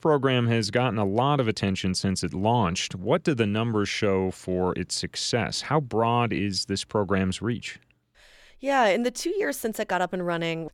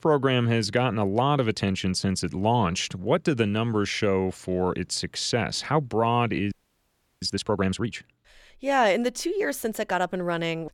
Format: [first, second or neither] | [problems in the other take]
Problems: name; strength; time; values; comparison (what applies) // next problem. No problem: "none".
first | audio freezing; at 6.5 s for 0.5 s